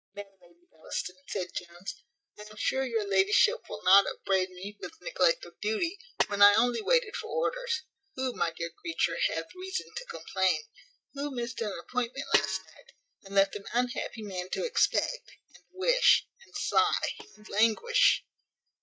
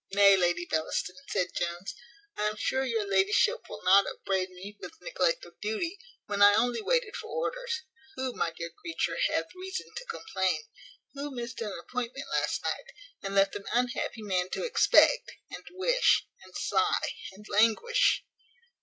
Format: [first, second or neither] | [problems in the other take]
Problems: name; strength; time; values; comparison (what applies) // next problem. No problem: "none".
second | noise reduction (neural mask model DeepFilterNet 3)